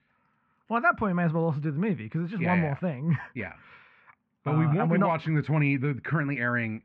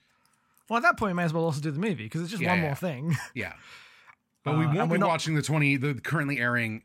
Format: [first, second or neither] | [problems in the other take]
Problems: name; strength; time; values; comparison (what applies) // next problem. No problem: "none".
second | muffled; very; fading above 2.5 kHz